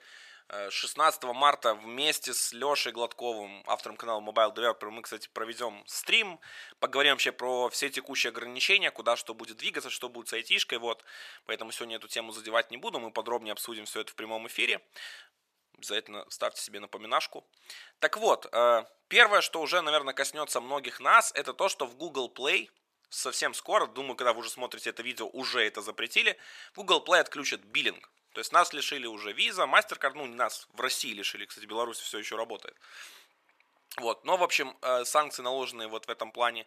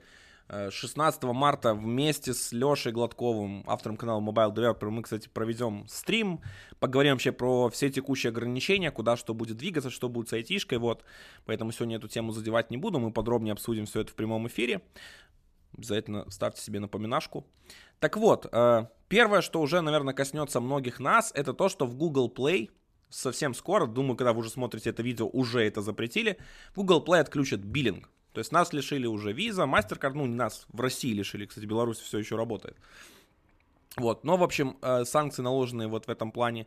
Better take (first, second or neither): second